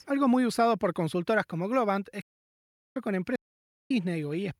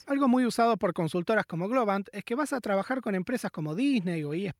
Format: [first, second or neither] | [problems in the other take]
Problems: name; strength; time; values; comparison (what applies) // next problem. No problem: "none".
second | audio cutting out; at 2 s for 0.5 s and at 3.5 s for 0.5 s